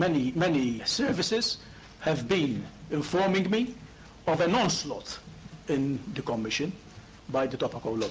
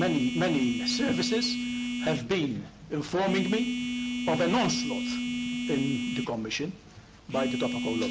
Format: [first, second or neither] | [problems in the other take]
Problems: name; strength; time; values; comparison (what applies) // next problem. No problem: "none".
first | background sound (Telephone); 2 dB below the speech